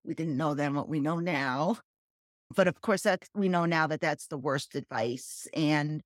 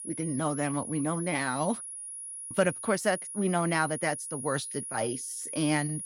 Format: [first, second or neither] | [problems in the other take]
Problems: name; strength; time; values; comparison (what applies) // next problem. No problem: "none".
first | high-pitched whine; loud; throughout; 10.5 kHz, 6 dB below the speech